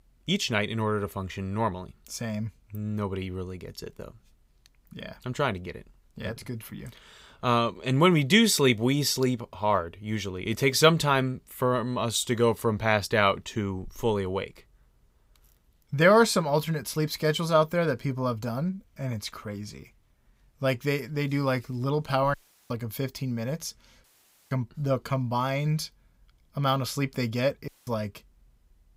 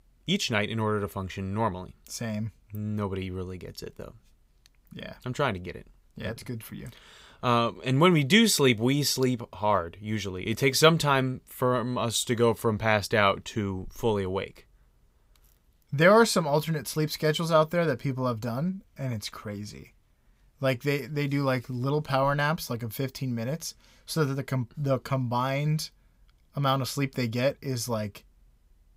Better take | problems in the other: second | audio cutting out; at 22 s, at 24 s and at 28 s

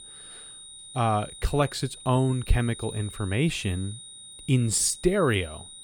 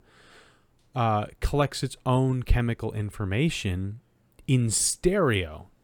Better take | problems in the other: second | high-pitched whine; noticeable; throughout; 4 kHz, 15 dB below the speech

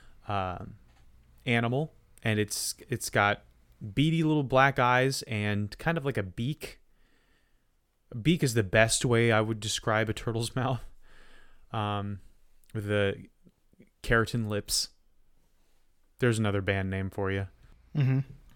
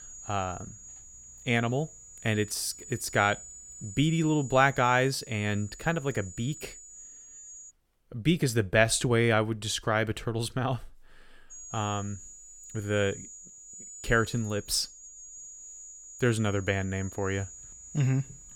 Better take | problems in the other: first | high-pitched whine; noticeable; until 7.5 s and from 12 s on; 7 kHz, 15 dB below the speech

